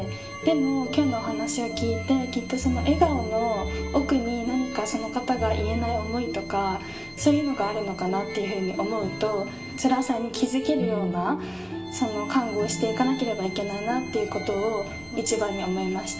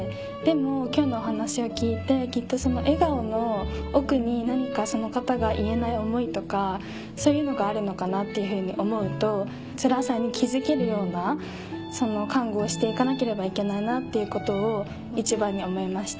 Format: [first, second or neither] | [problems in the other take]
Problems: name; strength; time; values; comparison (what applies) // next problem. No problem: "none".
second | background sound (Organ); 17 dB below the speech // room echo; dies away in 0.6 s